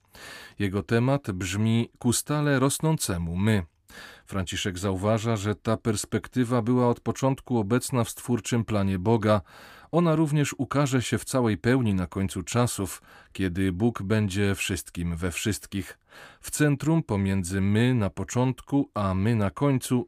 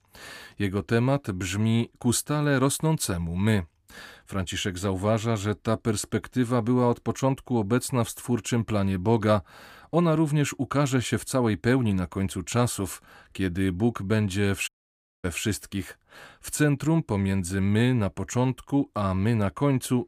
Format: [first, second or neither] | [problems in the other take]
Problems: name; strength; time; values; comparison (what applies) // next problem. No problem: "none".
first | audio cutting out; at 15 s for 0.5 s